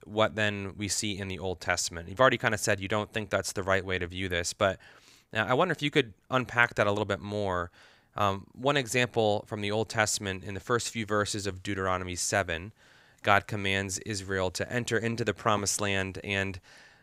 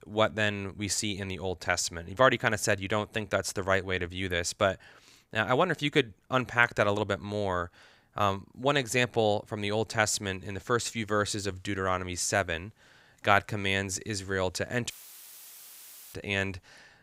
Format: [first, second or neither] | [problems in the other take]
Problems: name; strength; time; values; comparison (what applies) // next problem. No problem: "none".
first | audio cutting out; filled with static; at 15 s for 1 s